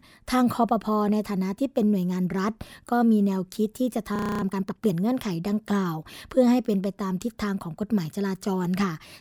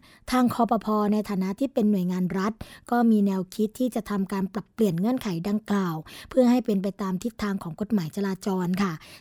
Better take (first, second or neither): second